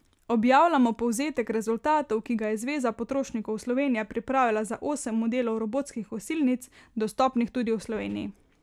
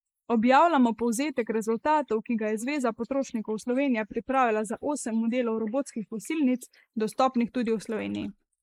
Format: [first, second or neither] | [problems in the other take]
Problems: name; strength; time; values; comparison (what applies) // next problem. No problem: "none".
first | noise reduction (neural mask model Resemble Enhance denoiser)